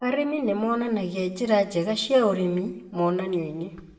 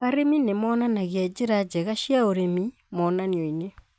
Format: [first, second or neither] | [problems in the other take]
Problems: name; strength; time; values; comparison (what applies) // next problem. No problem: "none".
second | room echo; dies away in 0.7 s